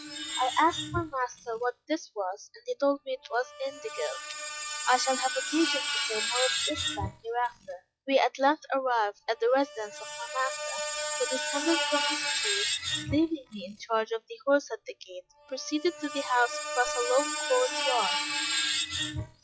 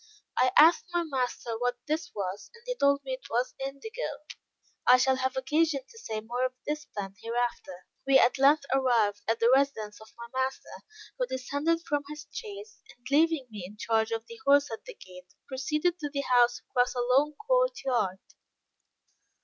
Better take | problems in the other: second | noise reduction (classical method log-MMSE)

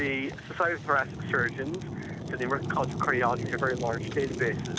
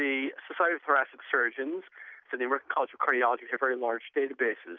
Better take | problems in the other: second | background sound (Fire); 5 dB below the speech

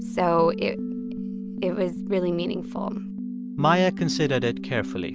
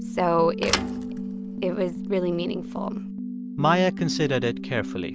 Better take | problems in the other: first | background sound (Thump, thud); 10 dB below the speech

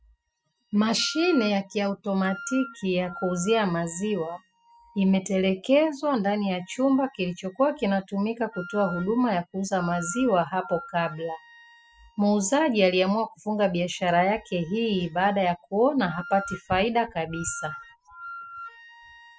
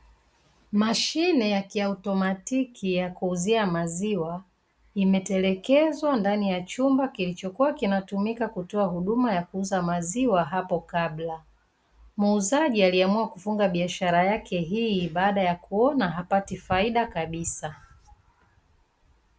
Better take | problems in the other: second | noise reduction (classical method spectral subtraction)

